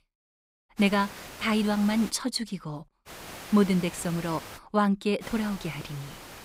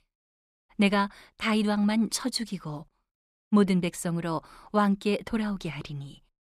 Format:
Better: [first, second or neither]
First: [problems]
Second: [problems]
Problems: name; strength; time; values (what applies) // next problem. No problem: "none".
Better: second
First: hiss; noticeable; from 1 to 2 s, from 3 to 4.5 s and from 5 s on; 15 dB below the speech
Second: none